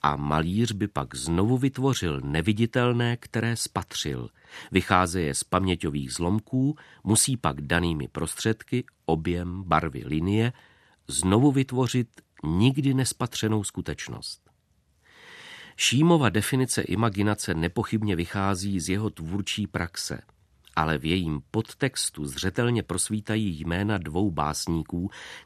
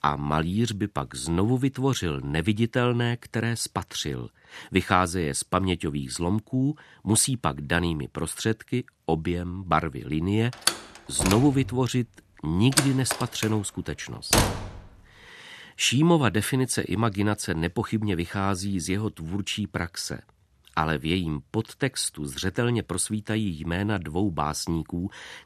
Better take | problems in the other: first | door banging; loud; from 11 to 15 s; peak 4 dB above the speech

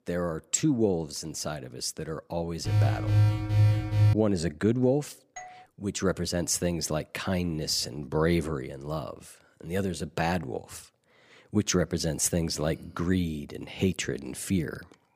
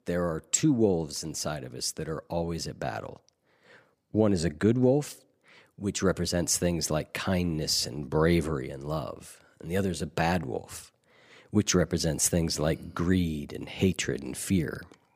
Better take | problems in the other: second | alarm; loud; from 2.5 to 4 s; peak 5 dB above the speech // doorbell; faint; at 5.5 s; peak 15 dB below the speech

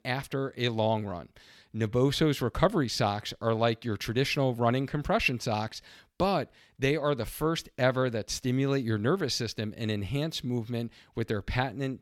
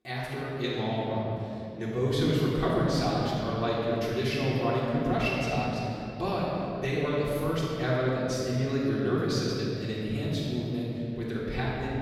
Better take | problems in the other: first | off-mic speech; far // room echo; strong; dies away in 2.8 s

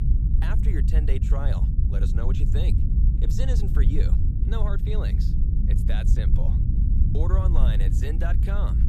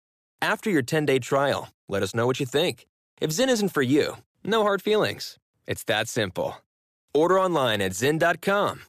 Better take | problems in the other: second | low rumble; loud; throughout; 2 dB below the speech

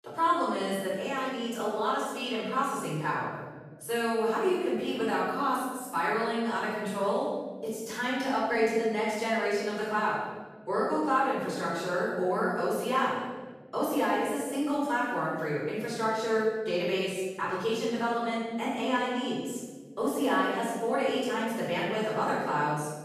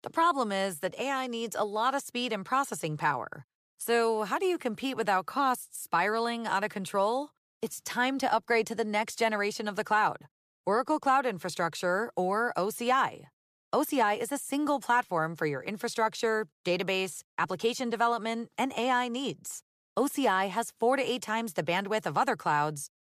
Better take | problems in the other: second | room echo; strong; dies away in 1.4 s // off-mic speech; far

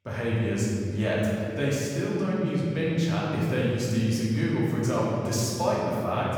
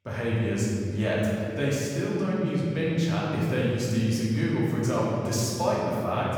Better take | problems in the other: neither | room echo; strong; dies away in 2.3 s; the same in both // off-mic speech; far; the same in both

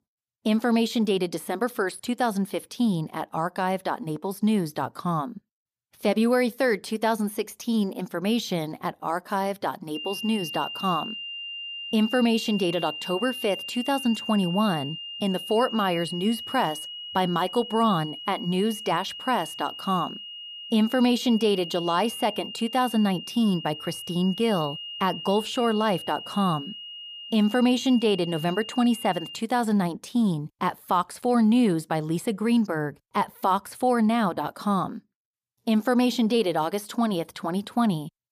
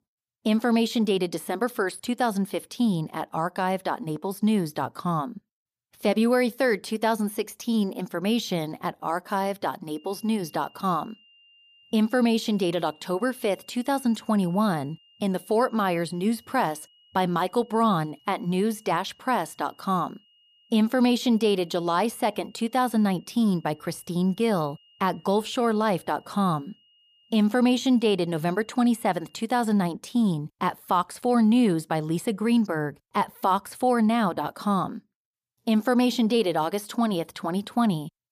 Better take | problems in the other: second | high-pitched whine; loud; from 10 to 29 s; 3 kHz, 9 dB below the speech; faint in the second

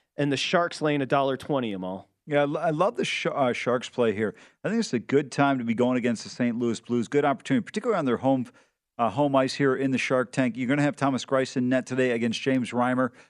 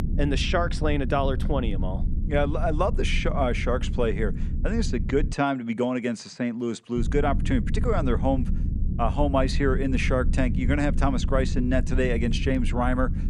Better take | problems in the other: first | low rumble; noticeable; until 5.5 s and from 7 s on; 15 dB below the speech

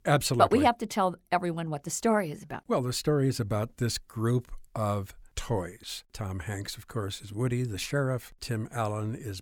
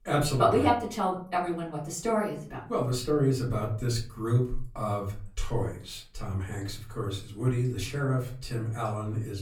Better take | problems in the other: first | room echo; slight; dies away in 0.4 s // off-mic speech; far

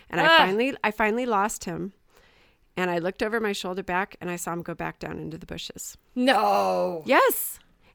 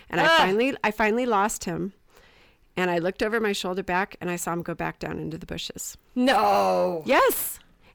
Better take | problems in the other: first | distortion; slight; 10 dB below the speech

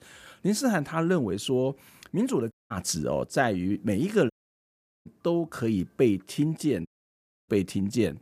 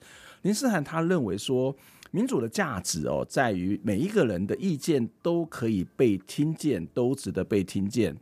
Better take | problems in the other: second | audio cutting out; at 2.5 s, at 4.5 s for 1 s and at 7 s for 0.5 s

